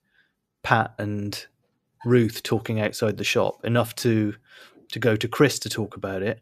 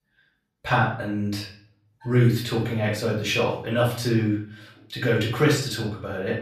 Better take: first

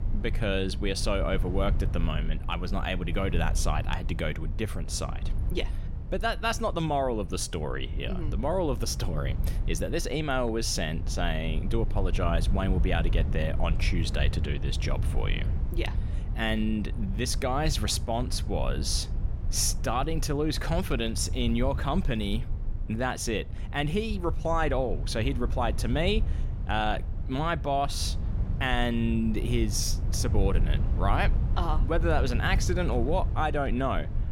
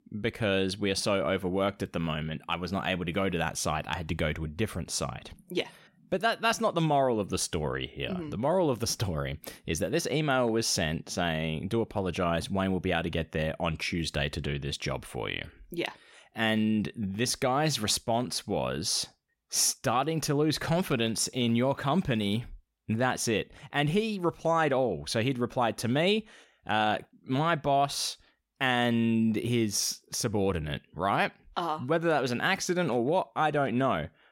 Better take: second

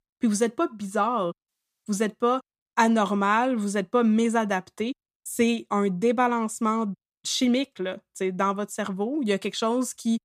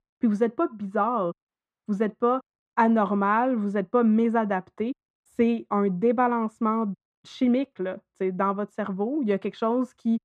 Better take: first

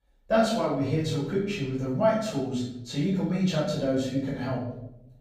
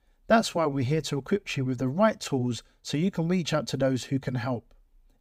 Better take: second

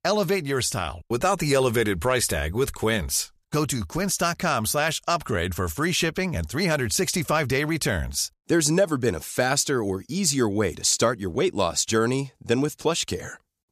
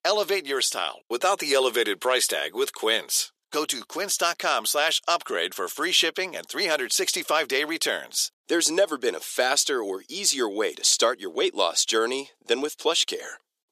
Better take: first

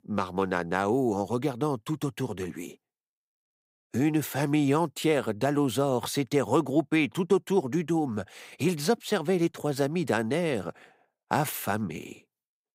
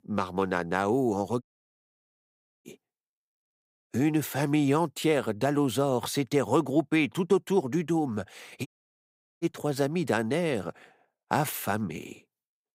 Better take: first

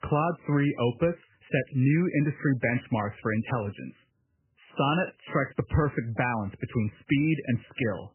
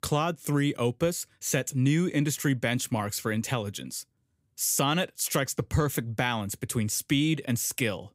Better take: second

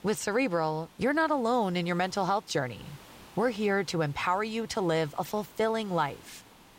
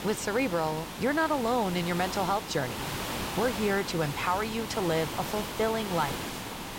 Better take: first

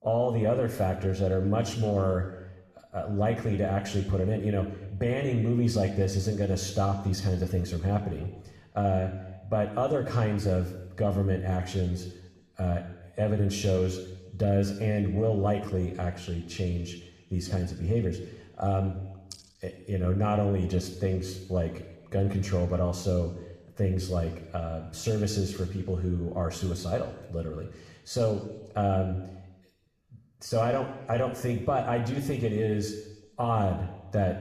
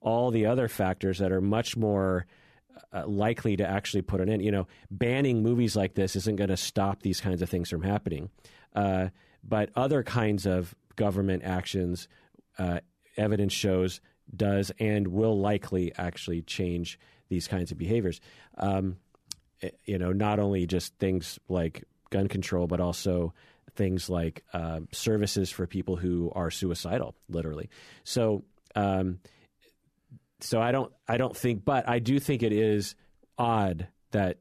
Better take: second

